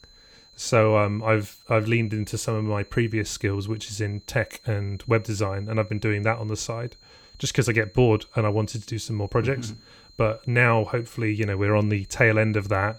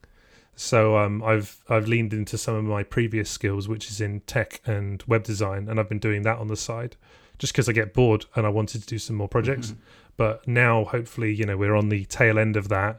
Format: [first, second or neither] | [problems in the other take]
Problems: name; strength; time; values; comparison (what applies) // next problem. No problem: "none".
second | high-pitched whine; faint; throughout; 4 kHz, 25 dB below the speech